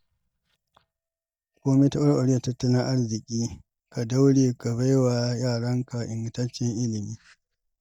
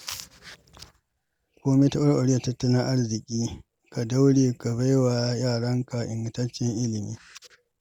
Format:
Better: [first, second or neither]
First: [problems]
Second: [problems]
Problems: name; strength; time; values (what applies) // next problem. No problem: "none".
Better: second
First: noise reduction (neural mask model DeepFilterNet 3)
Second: none